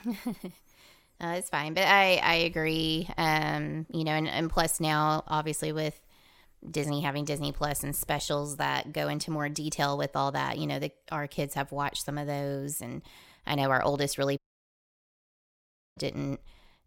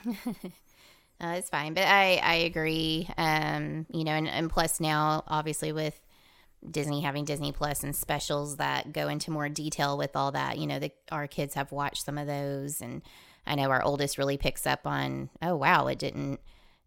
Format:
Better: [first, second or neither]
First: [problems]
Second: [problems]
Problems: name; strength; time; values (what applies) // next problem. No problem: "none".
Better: second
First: audio cutting out; at 14 s for 1.5 s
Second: none